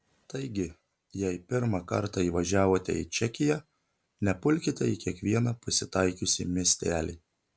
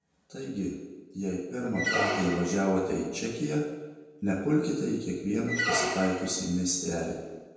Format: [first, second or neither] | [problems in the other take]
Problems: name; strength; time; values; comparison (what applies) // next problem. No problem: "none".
first | background sound (Squeak); 4 dB below the speech // room echo; dies away in 1 s